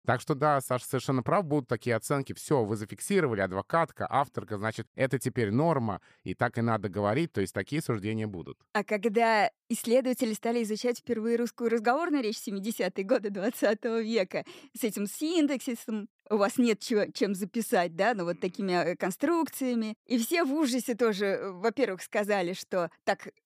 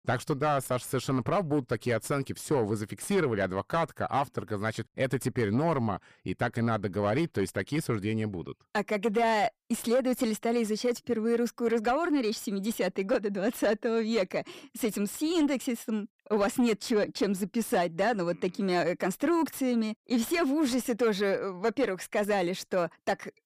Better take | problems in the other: first | distortion; slight; 10 dB below the speech

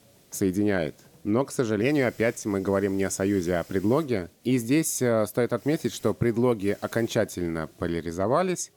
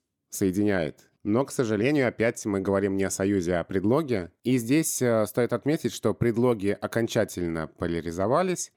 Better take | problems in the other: second | hiss; faint; throughout; 25 dB below the speech

